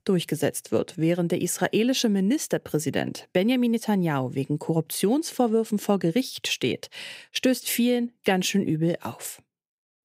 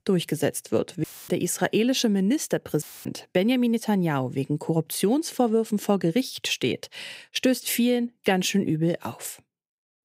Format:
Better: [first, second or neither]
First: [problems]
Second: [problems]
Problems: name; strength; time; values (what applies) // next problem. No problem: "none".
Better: first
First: none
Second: audio cutting out; filled with static; at 1 s and at 3 s